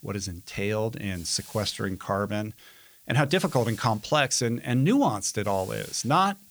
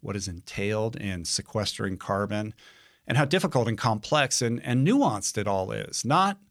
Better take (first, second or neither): second